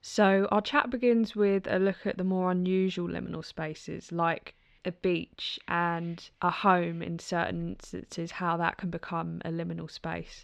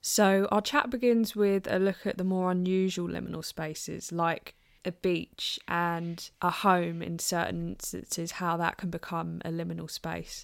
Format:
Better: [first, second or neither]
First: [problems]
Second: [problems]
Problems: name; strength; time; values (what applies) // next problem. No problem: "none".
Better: second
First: muffled; slightly; fading above 3 kHz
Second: none